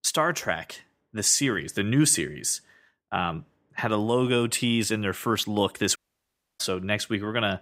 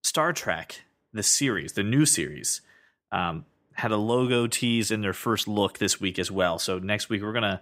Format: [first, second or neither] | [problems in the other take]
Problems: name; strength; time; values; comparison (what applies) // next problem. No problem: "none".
second | audio cutting out; at 6 s for 0.5 s